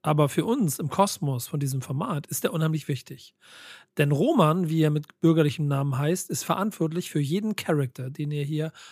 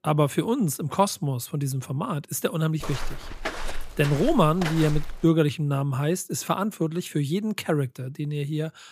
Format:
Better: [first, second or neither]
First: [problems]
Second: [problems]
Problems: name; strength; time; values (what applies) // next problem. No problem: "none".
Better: first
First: none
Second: footsteps; noticeable; from 3 to 5 s; peak 7 dB below the speech